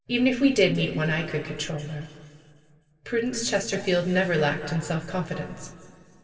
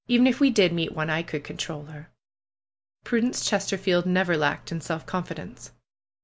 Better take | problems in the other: second | room echo; dies away in 2.7 s

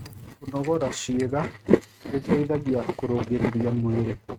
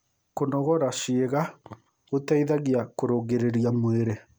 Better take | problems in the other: second | noise reduction (neural mask model RNNoise)

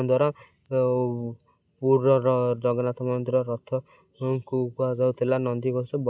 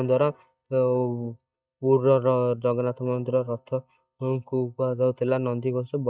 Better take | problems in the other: first | noise reduction (neural mask model DeepFilterNet 3)

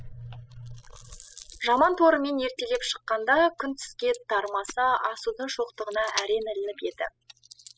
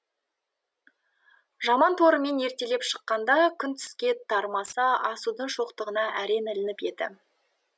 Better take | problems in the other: second | noise reduction (classical method spectral subtraction)

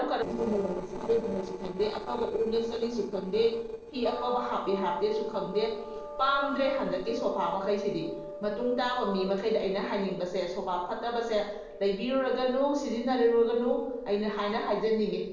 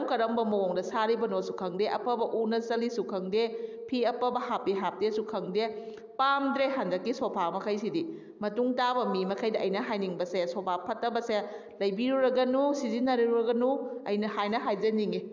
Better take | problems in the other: second | noise reduction (neural separator model SepFormer DNS4)

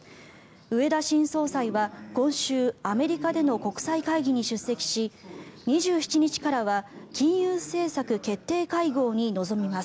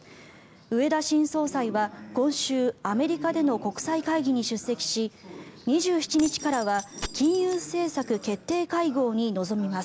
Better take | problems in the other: first | background sound (Keys jangling); 15 dB below the speech

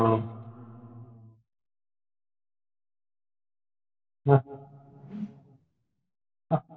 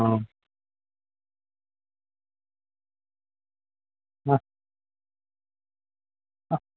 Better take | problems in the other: second | background sound (Whoosh, swoosh, swish); 13 dB below the speech // room echo; dies away in 2.8 s

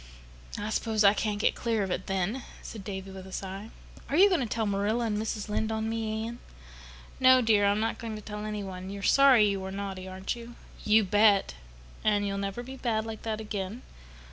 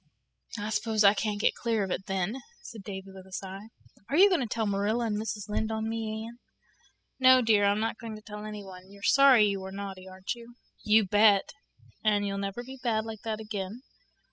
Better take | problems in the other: first | noise reduction (classical method spectral subtraction)

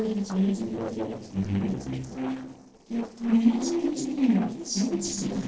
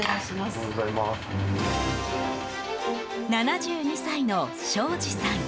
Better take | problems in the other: second | noise reduction (neural separator model SepFormer DNS4)

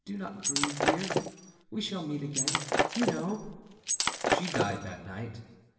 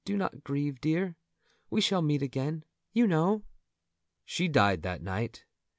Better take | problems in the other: second | background sound (Shatter); 5 dB above the speech // room echo; dies away in 1.1 s

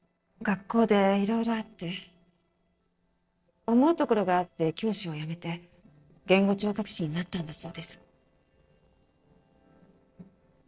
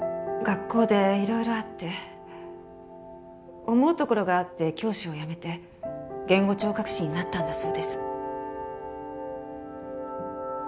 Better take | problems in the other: second | noise reduction (neural separator model SepFormer DNS4)

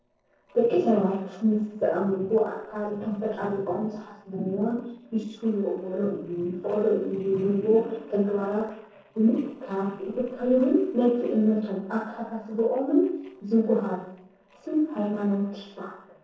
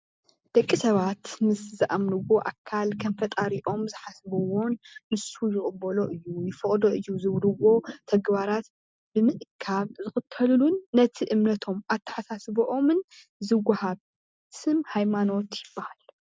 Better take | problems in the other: second | noise reduction (neural separator model SepFormer DNS4)

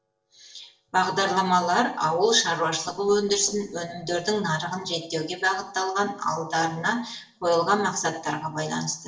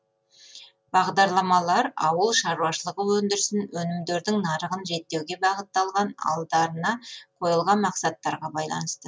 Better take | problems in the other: second | noise reduction (neural separator model SepFormer DNS4)

